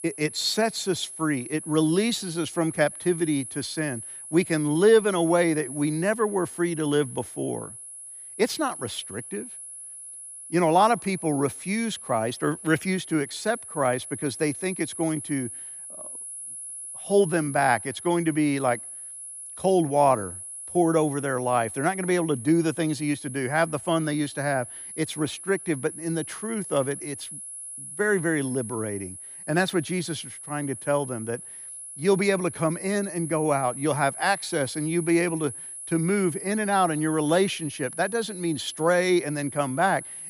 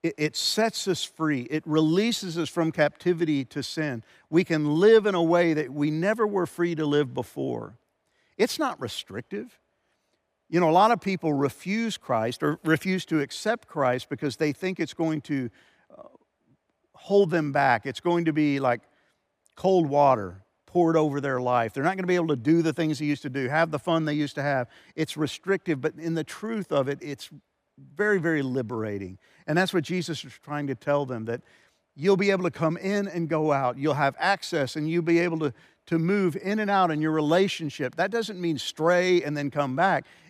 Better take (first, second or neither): second